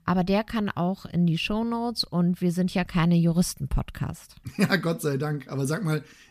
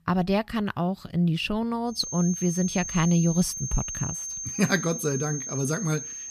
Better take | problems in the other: first | high-pitched whine; loud; from 2 s on; 6.5 kHz, 6 dB below the speech

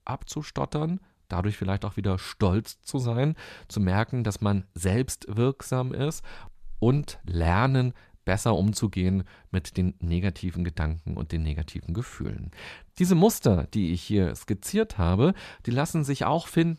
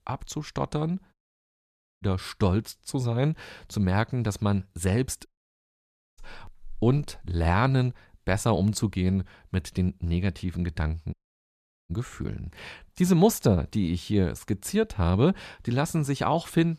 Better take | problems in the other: first | audio cutting out; at 1 s for 1 s, at 5.5 s for 1 s and at 11 s for 1 s

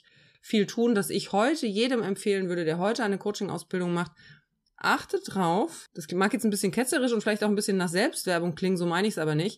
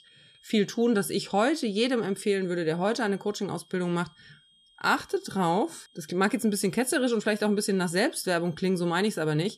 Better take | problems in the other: first | high-pitched whine; faint; throughout; 3.5 kHz, 30 dB below the speech

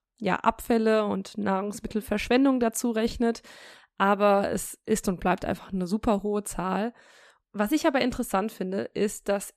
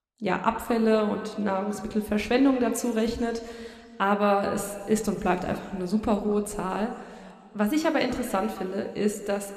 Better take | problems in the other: first | room echo; very slight; dies away in 2.2 s

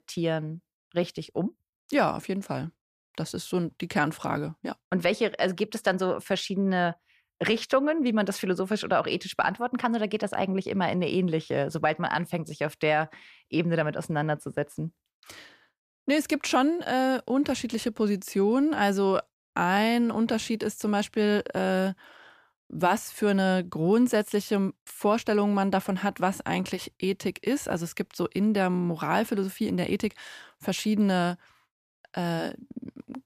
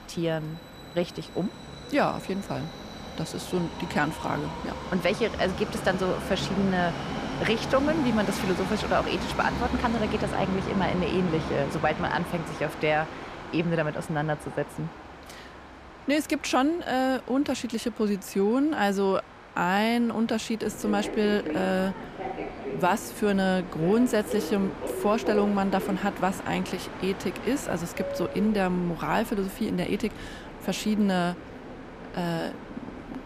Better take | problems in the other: first | train or aircraft noise; loud; throughout; 8 dB below the speech

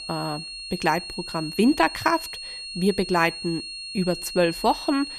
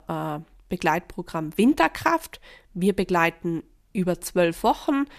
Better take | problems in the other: second | high-pitched whine; loud; throughout; 4.5 kHz, 9 dB below the speech

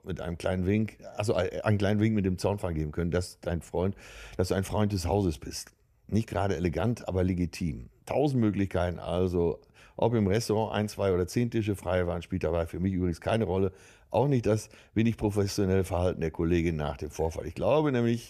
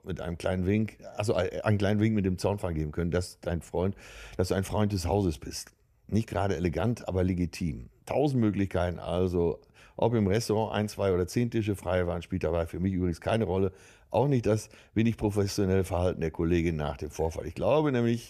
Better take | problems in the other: neither | none

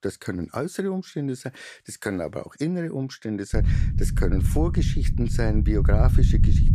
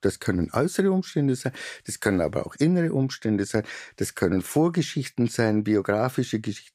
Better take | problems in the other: second | low rumble; loud; from 3.5 s on; 6 dB below the speech

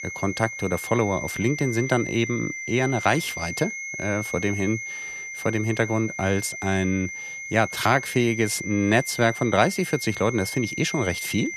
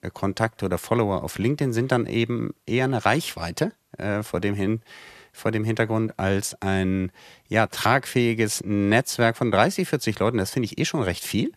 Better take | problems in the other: second | high-pitched whine; loud; throughout; 2 kHz, 7 dB below the speech

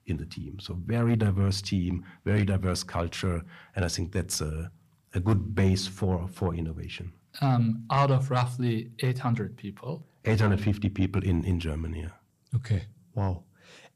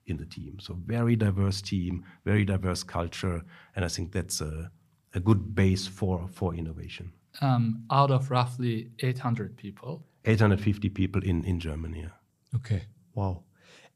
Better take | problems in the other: second | distortion; slight; 10 dB below the speech

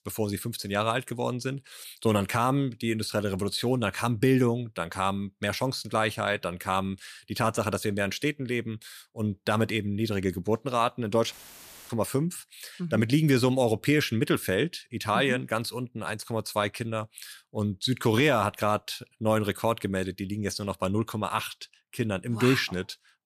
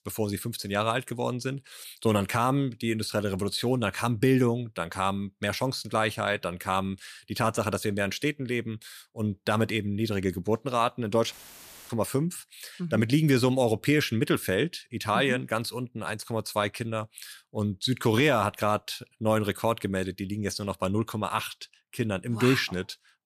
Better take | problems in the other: neither | audio cutting out; filled with static; at 11 s for 0.5 s; the same in both

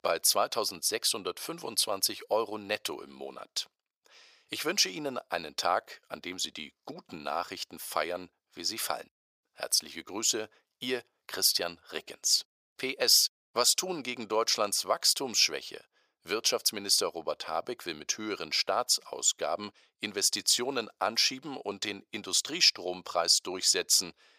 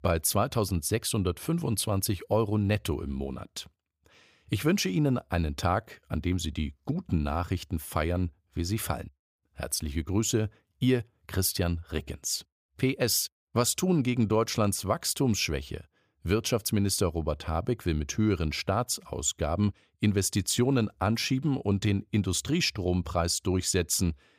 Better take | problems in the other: second | thin; very; fading below 600 Hz

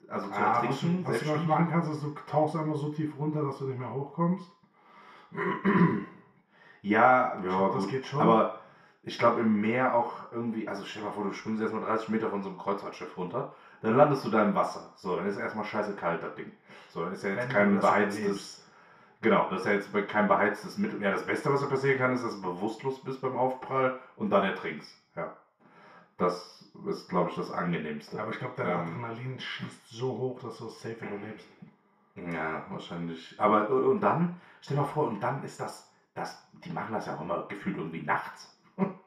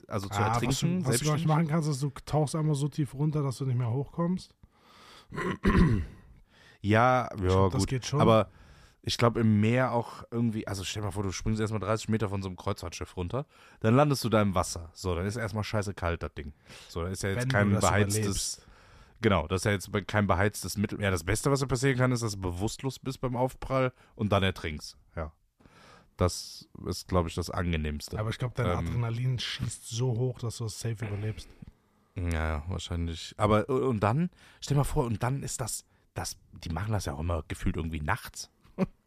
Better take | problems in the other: second | room echo; slight; dies away in 0.5 s // off-mic speech; far

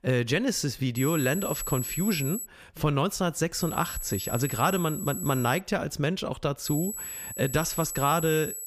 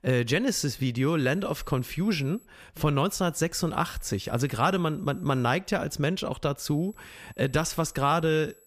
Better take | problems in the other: second | high-pitched whine; loud; from 1 to 2.5 s, from 3.5 to 5.5 s and from 6.5 s on; 8 kHz, 6 dB below the speech; faint in the second

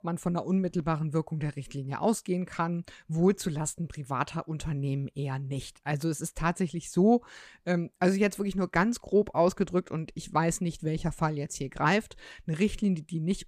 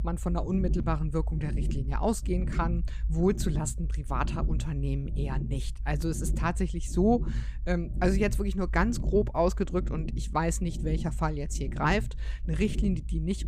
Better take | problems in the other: first | low rumble; noticeable; throughout; 15 dB below the speech

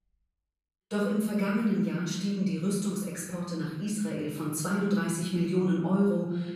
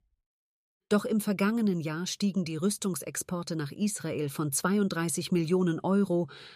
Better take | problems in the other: second | room echo; noticeable; dies away in 1.1 s // off-mic speech; far

